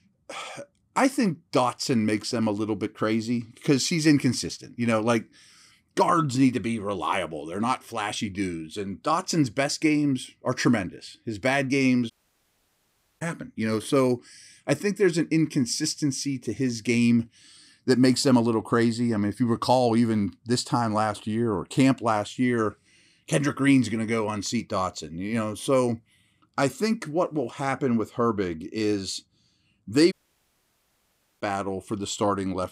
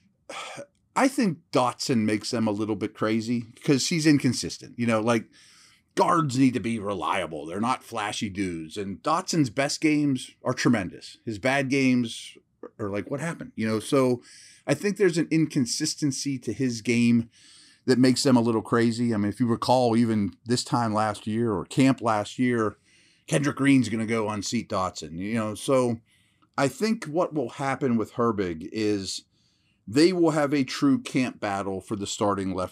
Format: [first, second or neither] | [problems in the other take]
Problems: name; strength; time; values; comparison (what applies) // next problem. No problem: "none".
second | audio cutting out; at 12 s for 1 s and at 30 s for 1.5 s